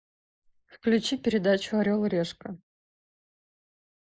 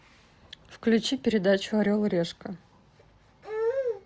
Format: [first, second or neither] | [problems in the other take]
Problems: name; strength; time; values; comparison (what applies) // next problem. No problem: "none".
second | noise reduction (neural mask model Resemble Enhance denoiser)